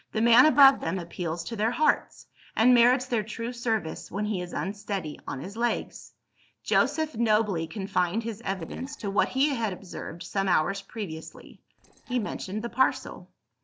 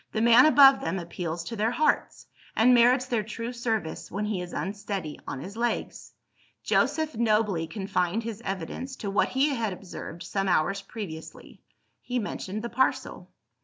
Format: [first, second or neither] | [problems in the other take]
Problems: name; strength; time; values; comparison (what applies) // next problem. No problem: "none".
second | noise reduction (neural separator model SepFormer DNS4)